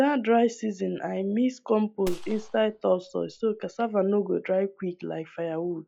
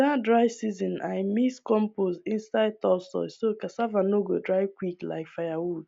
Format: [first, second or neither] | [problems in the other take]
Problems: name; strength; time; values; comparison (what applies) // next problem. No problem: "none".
second | noise reduction (classical method log-MMSE)